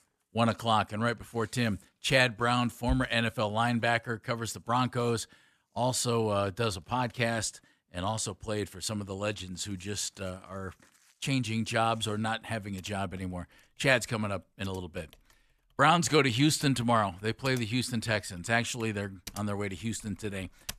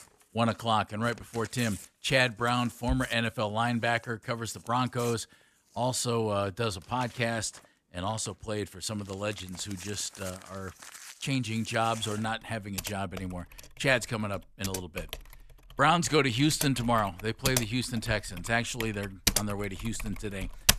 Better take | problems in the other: first | household noises; loud; throughout; 7 dB below the speech; faint in the first

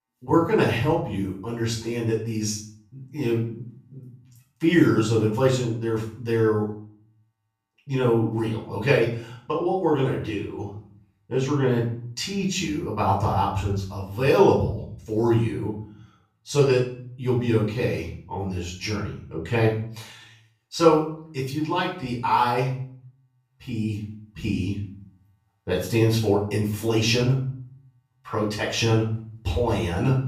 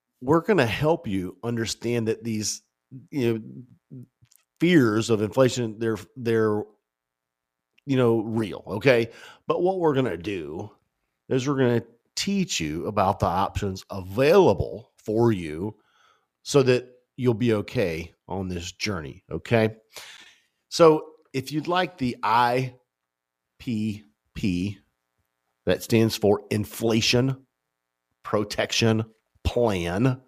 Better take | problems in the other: second | off-mic speech; far // room echo; noticeable; dies away in 0.5 s

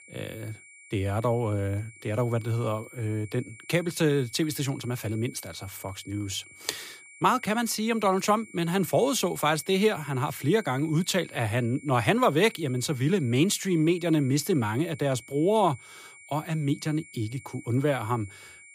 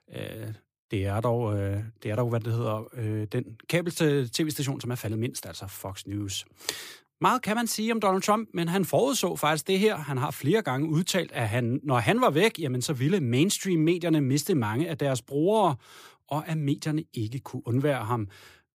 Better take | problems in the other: second | high-pitched whine; faint; throughout; 2.5 kHz, 20 dB below the speech

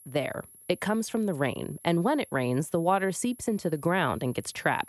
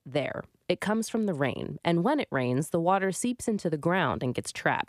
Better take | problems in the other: second | high-pitched whine; faint; throughout; 11 kHz, 20 dB below the speech

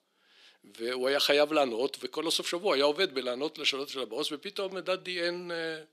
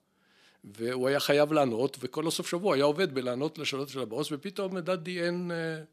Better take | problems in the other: second | thin; very slightly; fading below 350 Hz

